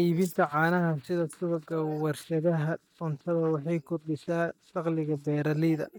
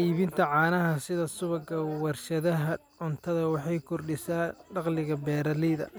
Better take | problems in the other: second | noise reduction (neural mask model DeepFilterNet 3)

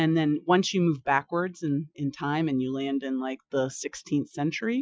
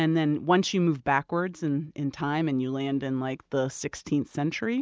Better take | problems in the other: second | noise reduction (classical method Wiener filter)

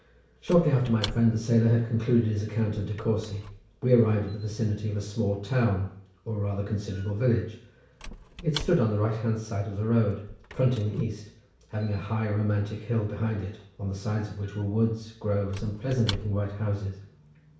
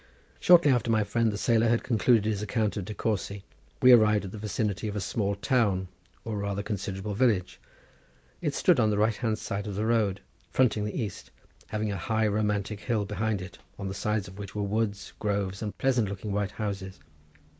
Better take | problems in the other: second | background sound (Squeak / Wood); 18 dB below the speech // room echo; dies away in 0.6 s

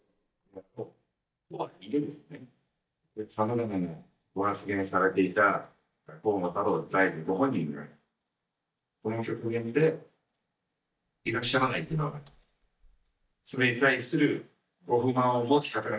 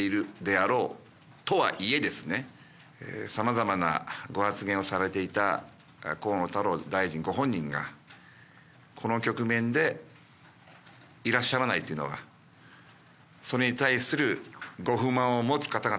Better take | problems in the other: second | noise reduction (neural mask model DeepFilterNet 3)

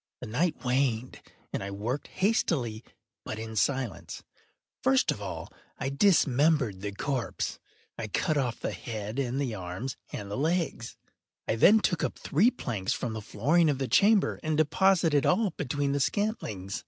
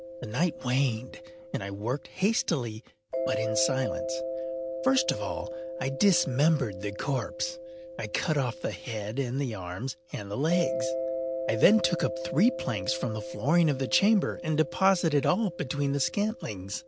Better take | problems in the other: first | background sound (Mallet percussion); 7 dB below the speech

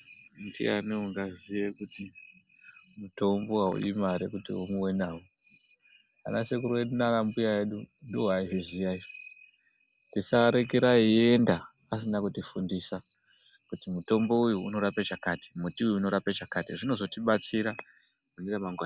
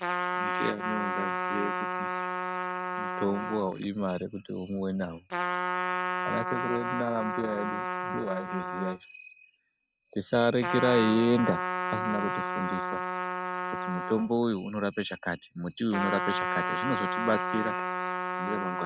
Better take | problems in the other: first | noise reduction (neural mask model RNNoise)

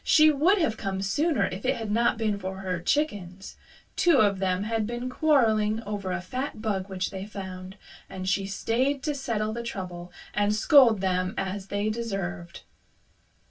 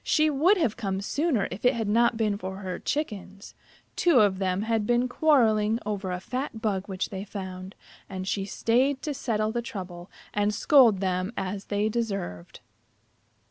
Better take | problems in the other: second | room echo; dies away in 0.1 s

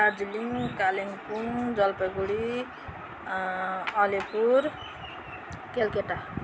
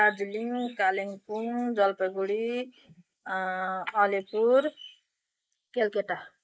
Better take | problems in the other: first | noise reduction (neural mask model Resemble Enhance denoiser)

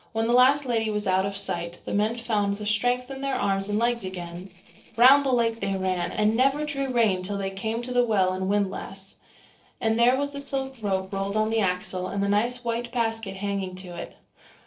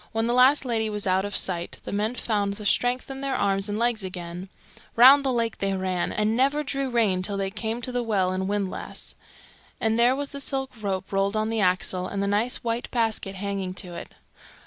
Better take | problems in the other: second | noise reduction (neural separator model SepFormer DNS4)

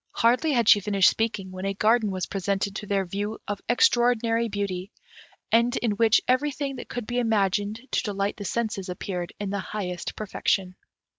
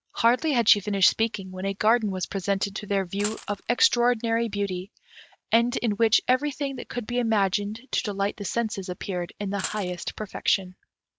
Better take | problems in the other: first | background sound (Coin (dropping)); 12 dB below the speech

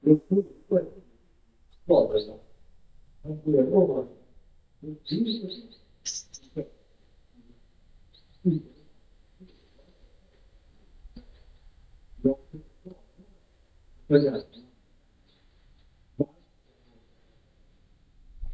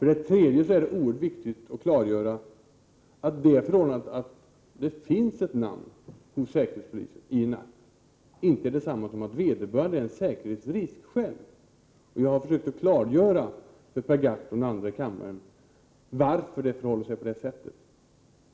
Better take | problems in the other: second | noise reduction (neural mask model DeepFilterNet 3)

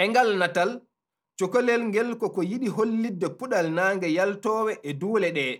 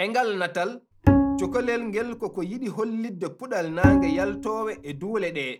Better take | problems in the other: first | background sound (Bowed string instrument); 3 dB above the speech

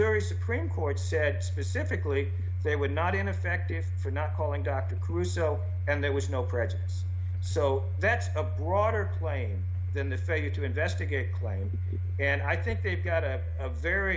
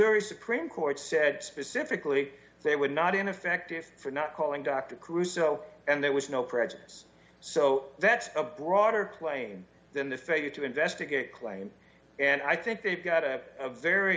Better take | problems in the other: second | background sound (Domestic sounds, home sounds); 2 dB above the speech

